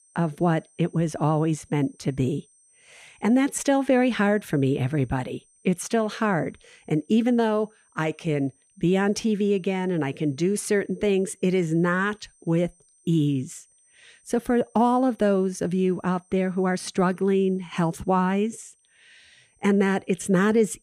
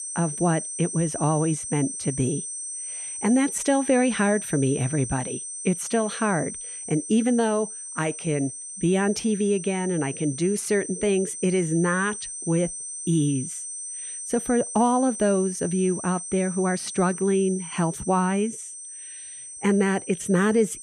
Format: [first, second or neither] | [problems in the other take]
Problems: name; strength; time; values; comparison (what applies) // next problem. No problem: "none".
first | high-pitched whine; loud; throughout; 8.5 kHz, 8 dB below the speech; faint in the first